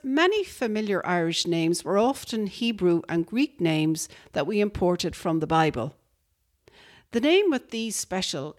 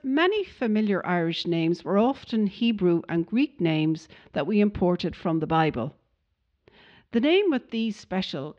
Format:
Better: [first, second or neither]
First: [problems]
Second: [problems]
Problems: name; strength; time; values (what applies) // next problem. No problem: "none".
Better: first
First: none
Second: muffled; slightly; fading above 4 kHz